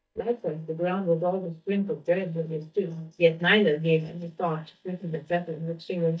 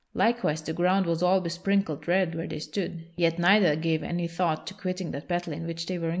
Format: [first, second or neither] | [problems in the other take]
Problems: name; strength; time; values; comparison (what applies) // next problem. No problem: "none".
second | noise reduction (neural mask model DeepFilterNet 3)